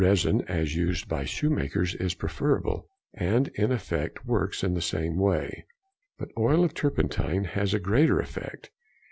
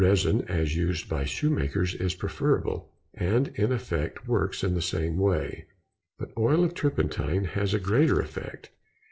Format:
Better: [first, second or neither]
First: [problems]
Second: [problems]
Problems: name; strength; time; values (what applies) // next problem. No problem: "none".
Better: first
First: none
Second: noise reduction (neural separator model SepFormer DNS4)